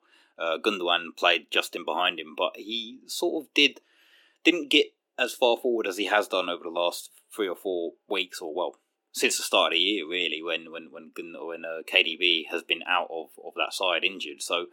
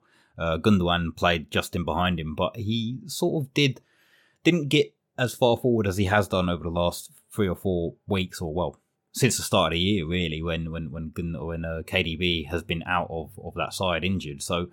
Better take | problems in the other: second | thin; somewhat; fading below 300 Hz

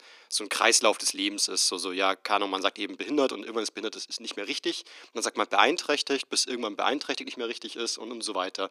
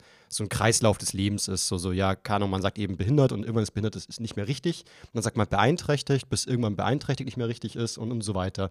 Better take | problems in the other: second | thin; somewhat; fading below 300 Hz

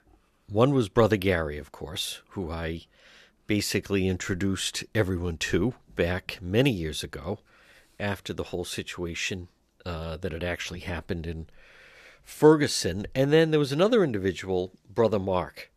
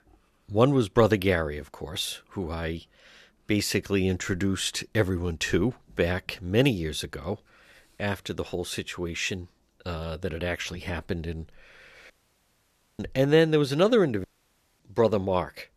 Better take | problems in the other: first | audio cutting out; at 12 s for 1 s and at 14 s for 0.5 s

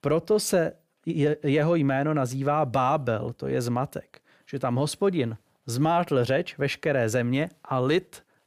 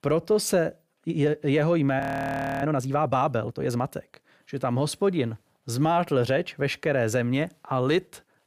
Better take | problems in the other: first | audio freezing; at 2 s for 0.5 s

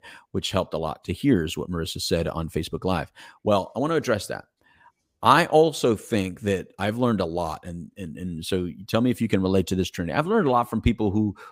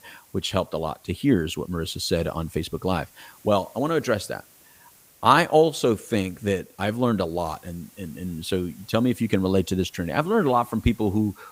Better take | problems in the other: first | hiss; faint; throughout; 25 dB below the speech

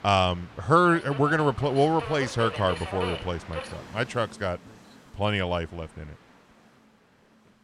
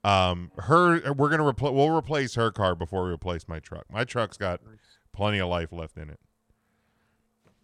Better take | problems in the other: second | train or aircraft noise; noticeable; throughout; 15 dB below the speech

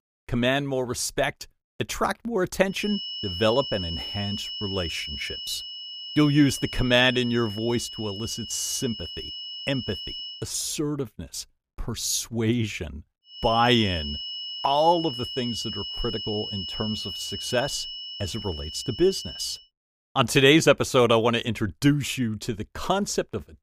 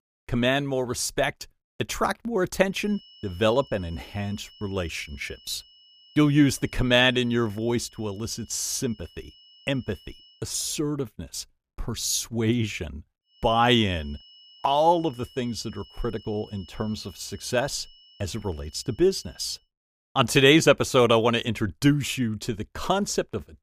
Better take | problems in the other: second | high-pitched whine; loud; from 3 to 10 s and from 13 to 20 s; 3 kHz, 8 dB below the speech; faint in the second

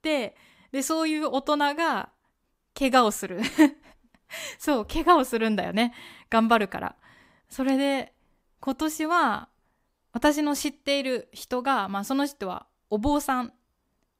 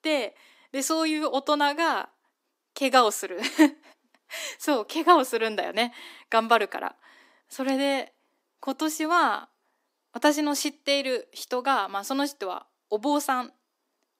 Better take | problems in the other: first | thin; very slightly; fading below 300 Hz

